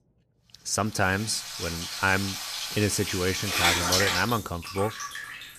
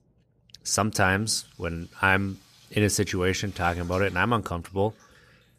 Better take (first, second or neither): second